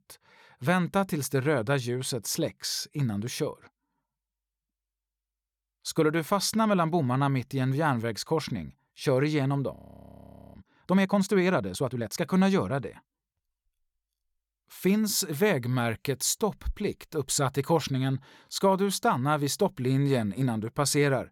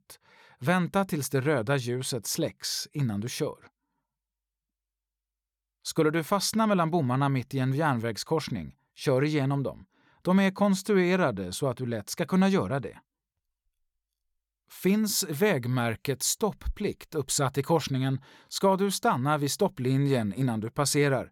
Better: second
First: audio freezing; at 10 s for 1 s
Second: none

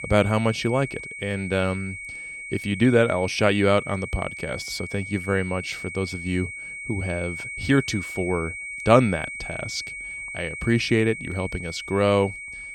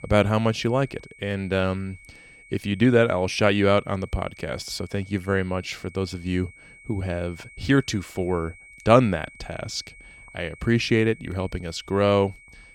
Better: second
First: high-pitched whine; loud; throughout; 2 kHz, 9 dB below the speech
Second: high-pitched whine; faint; throughout; 2 kHz, 20 dB below the speech

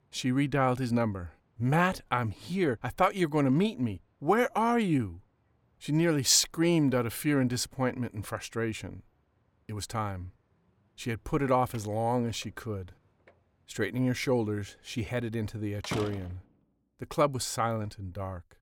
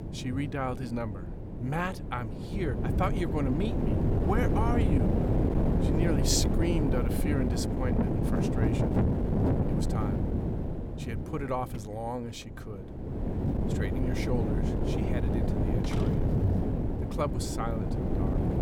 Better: first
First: none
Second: wind noise on the microphone; heavy; as loud as the speech

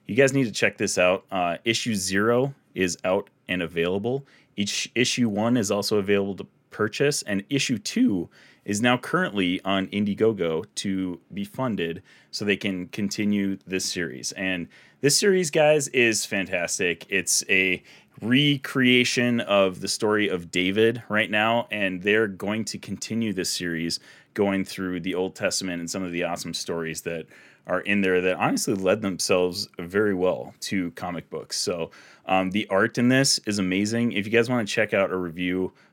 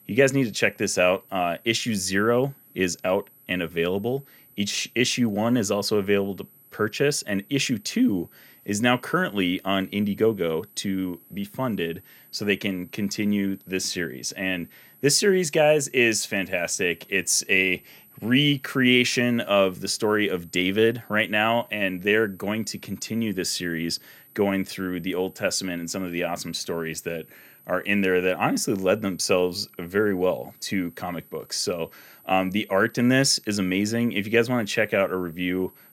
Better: first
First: none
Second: high-pitched whine; faint; throughout; 12 kHz, 25 dB below the speech

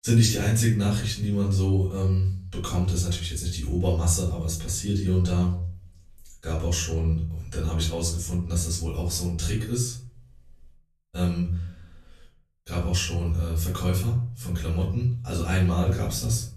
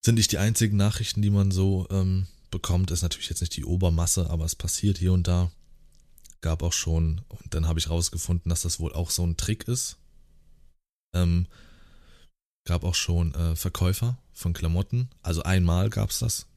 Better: second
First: off-mic speech; far // room echo; slight; dies away in 0.4 s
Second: none

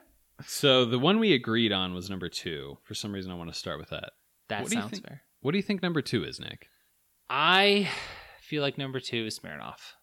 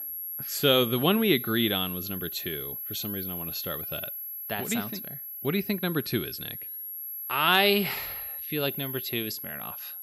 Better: first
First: none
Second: high-pitched whine; loud; throughout; 11.5 kHz, 6 dB below the speech

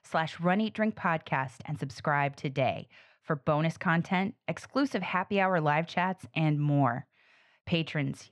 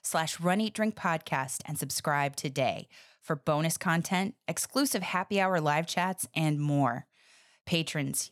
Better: second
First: muffled; slightly; fading above 2.5 kHz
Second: none

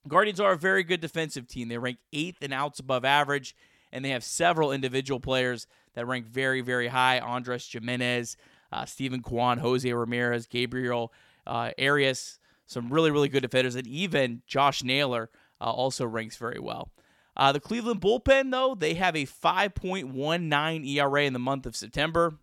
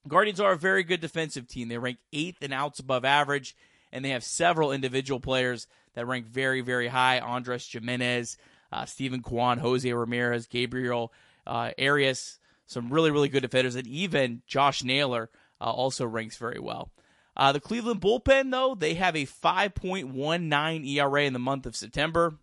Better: first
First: none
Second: garbled, watery; slightly

